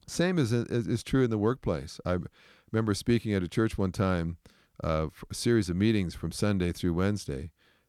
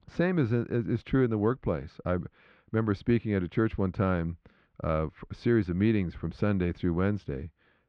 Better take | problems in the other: first | muffled; very; fading above 2.5 kHz

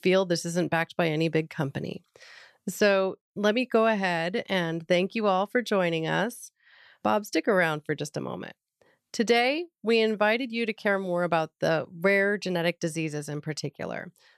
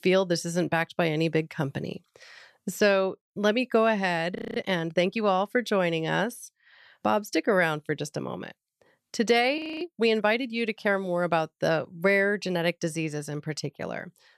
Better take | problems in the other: first | audio freezing; at 4.5 s and at 9.5 s

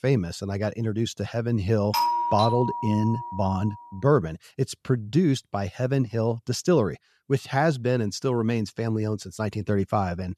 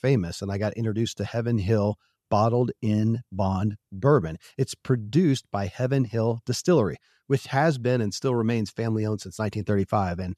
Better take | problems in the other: second | doorbell; loud; from 2 to 3.5 s; peak 2 dB above the speech

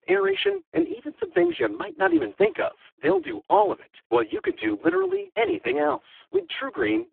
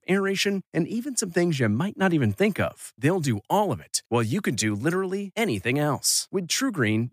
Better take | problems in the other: second | phone-call audio; poor line

